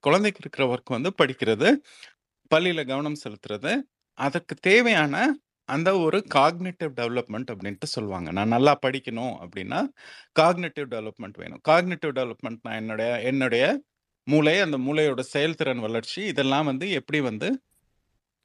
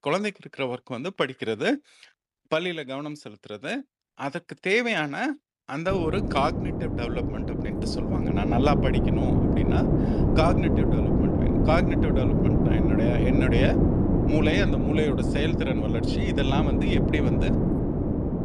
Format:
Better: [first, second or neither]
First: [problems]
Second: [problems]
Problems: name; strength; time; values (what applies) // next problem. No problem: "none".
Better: first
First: none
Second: wind noise on the microphone; heavy; from 6 s on; 1 dB below the speech